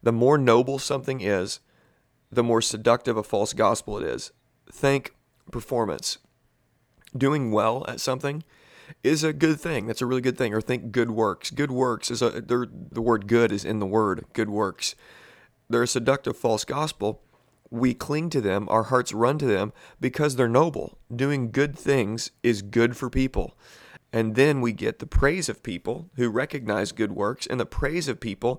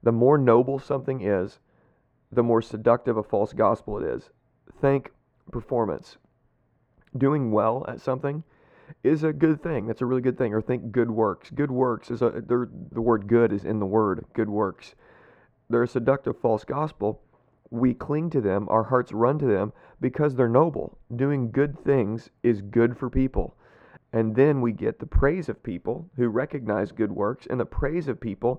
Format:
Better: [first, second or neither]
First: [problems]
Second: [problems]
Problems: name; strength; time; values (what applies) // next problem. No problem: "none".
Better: first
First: none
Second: muffled; very; fading above 3 kHz